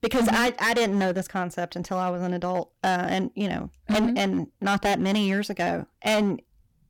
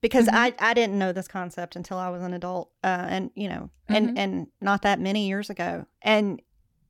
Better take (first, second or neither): second